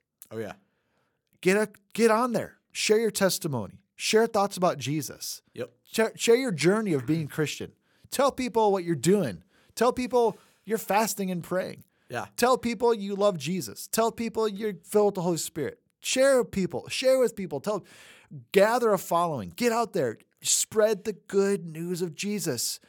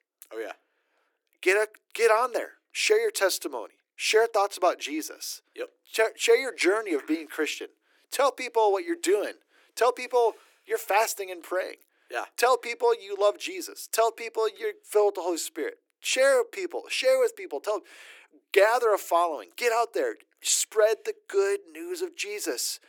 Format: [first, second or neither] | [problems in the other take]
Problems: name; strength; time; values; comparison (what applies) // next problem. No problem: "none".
first | thin; very; fading below 300 Hz